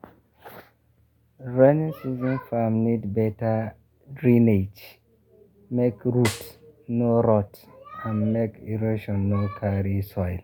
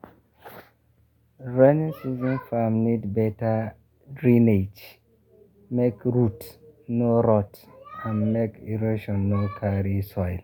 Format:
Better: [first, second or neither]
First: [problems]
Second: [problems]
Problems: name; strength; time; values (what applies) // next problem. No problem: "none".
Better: second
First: background sound (Snare drum); 13 dB below the speech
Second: none